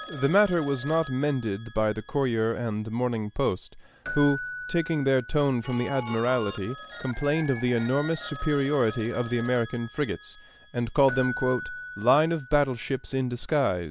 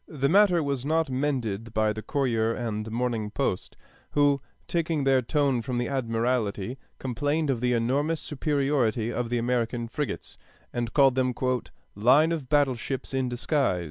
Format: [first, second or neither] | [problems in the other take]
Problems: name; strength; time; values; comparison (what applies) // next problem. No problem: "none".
second | background sound (Telephone + Keyboard (musical)); 14 dB below the speech